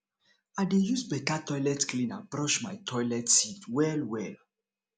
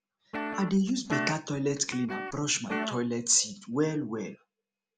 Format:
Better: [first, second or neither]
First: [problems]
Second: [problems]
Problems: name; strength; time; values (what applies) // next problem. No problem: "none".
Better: first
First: none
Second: background sound (Guitar); 6 dB below the speech